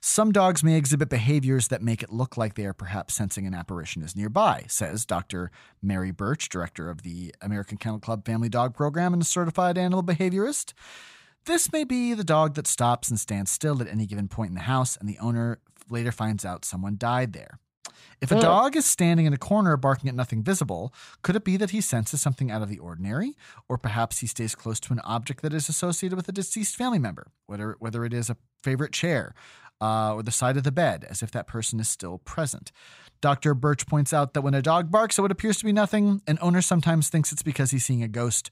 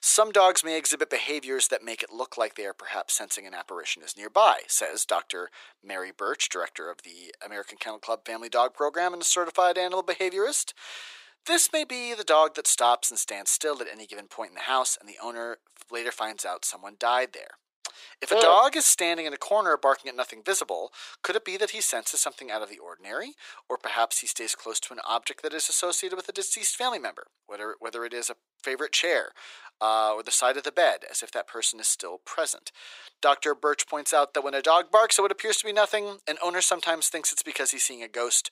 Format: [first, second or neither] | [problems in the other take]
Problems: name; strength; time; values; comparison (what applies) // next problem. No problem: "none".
first | thin; very; fading below 350 Hz